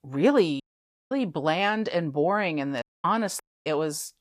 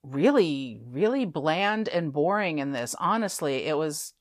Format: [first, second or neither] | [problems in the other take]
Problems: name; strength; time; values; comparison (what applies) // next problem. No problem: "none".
second | audio cutting out; at 0.5 s for 0.5 s, at 3 s and at 3.5 s